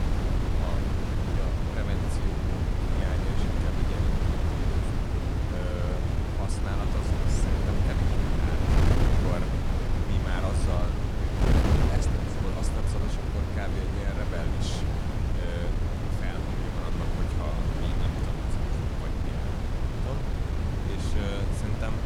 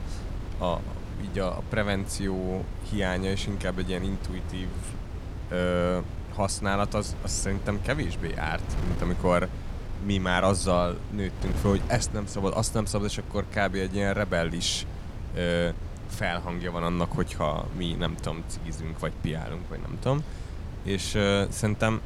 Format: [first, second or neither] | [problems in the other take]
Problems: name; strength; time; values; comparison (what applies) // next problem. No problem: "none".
second | wind noise on the microphone; heavy; 5 dB above the speech; occasional gusts in the second